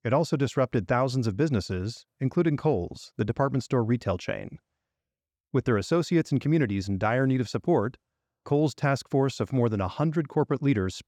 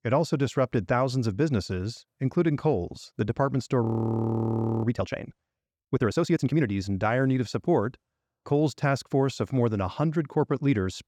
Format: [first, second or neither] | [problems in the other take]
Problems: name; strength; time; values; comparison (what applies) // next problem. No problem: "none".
first | audio freezing; at 4 s for 1 s